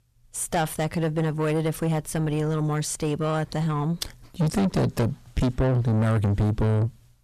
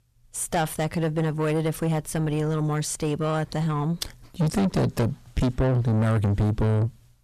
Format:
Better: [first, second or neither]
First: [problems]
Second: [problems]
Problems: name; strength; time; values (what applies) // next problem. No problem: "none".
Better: neither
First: distortion; heavy; 7 dB below the speech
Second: distortion; heavy; 7 dB below the speech